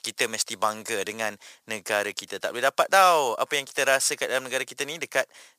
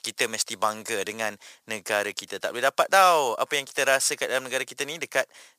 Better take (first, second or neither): neither